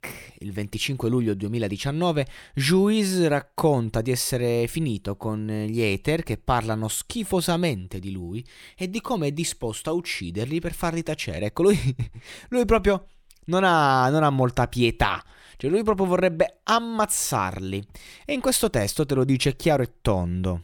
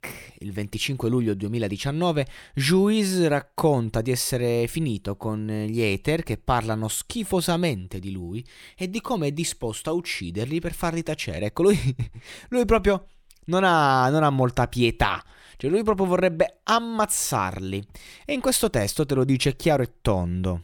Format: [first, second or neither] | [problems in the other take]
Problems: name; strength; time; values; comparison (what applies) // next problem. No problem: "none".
neither | none